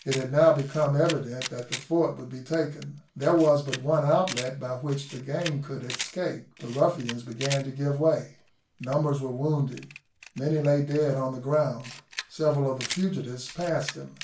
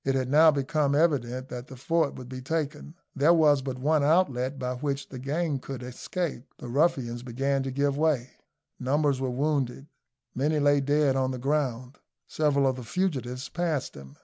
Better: second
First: background sound (Camera); 15 dB below the speech // room echo; dies away in 0.3 s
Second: none

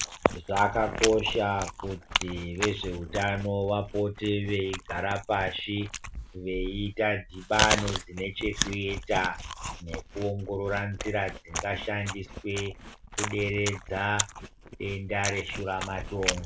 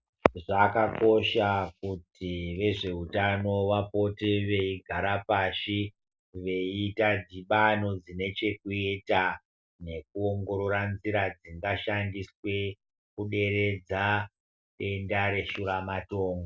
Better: second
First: background sound (Chewing, mastication); 6 dB below the speech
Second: none

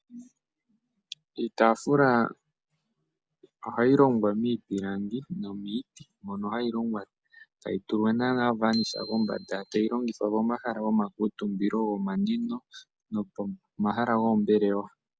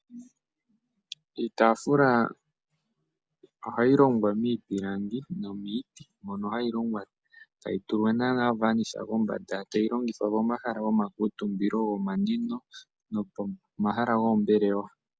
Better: second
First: background sound (Bicycle bell); 16 dB below the speech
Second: none

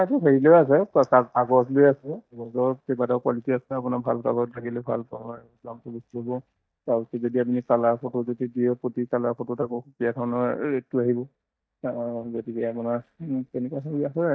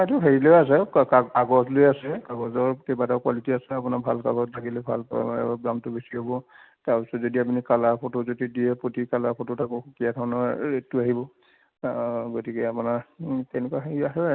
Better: second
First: noise reduction (neural mask model DeepFilterNet 3)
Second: none

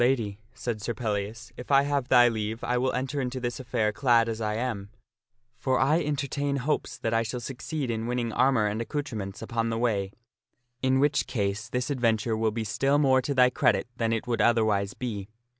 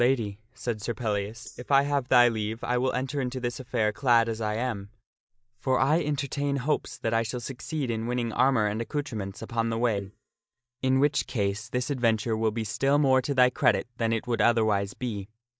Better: first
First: none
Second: noise reduction (neural mask model DeepFilterNet 3)

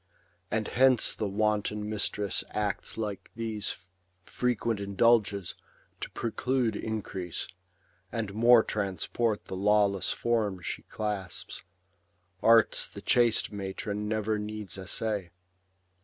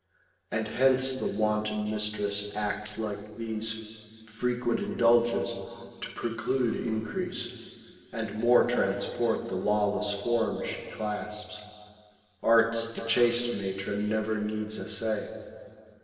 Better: first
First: none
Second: noise reduction (neural separator model SepFormer DNS4)

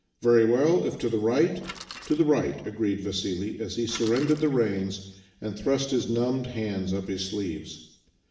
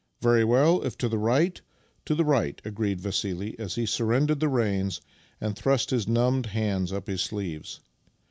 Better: second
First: background sound (Bicycle); 18 dB below the speech // room echo; dies away in 0.8 s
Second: none

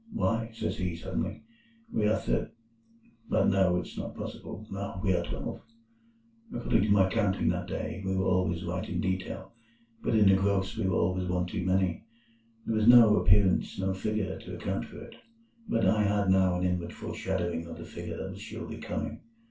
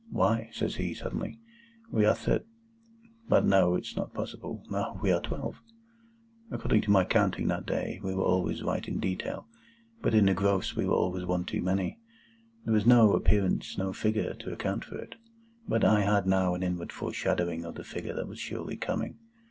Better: second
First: room echo; dies away in 0.2 s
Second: none

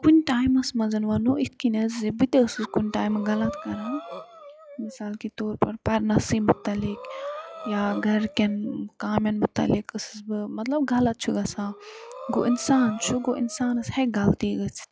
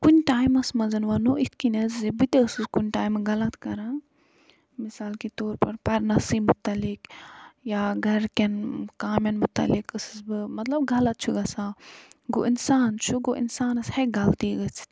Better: second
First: noise reduction (classical method log-MMSE)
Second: none

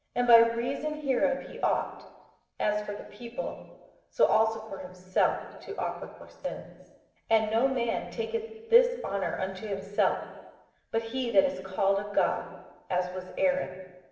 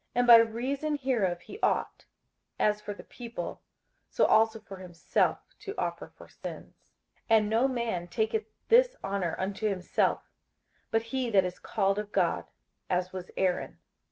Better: second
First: room echo; dies away in 1.2 s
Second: none

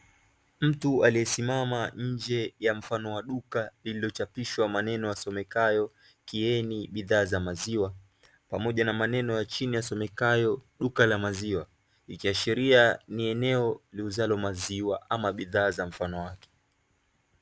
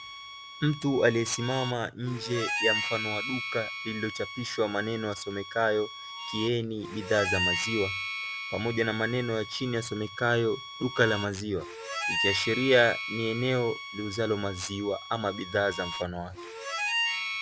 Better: first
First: none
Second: background sound (Harmonica); 6 dB below the speech

